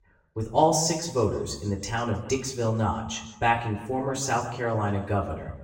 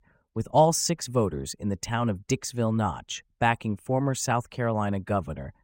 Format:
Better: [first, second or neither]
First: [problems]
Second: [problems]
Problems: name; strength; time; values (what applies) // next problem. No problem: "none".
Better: second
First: room echo; slight; dies away in 0.9 s // off-mic speech; far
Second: none